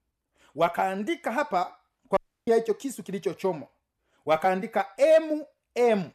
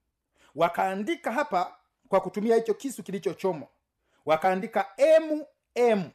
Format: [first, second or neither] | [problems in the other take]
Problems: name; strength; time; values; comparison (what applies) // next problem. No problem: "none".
second | audio cutting out; at 2 s